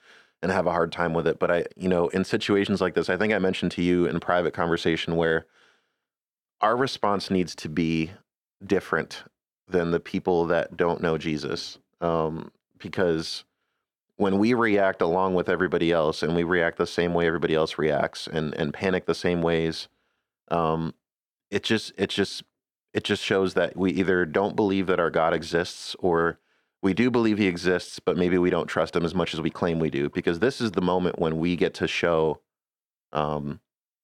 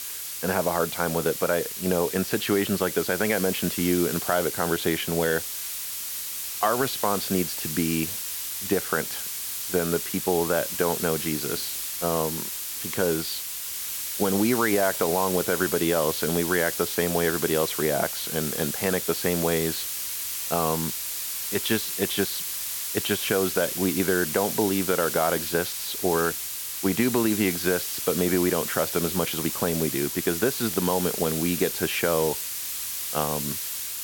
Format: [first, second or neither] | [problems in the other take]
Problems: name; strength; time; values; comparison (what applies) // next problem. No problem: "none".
first | hiss; loud; throughout; 3 dB below the speech